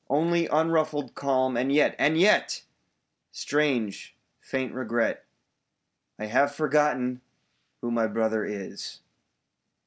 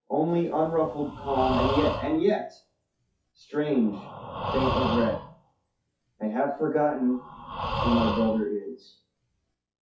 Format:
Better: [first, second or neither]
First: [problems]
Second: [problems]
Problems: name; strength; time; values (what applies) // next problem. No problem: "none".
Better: first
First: none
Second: noise reduction (classical method WPE with log-MMSE)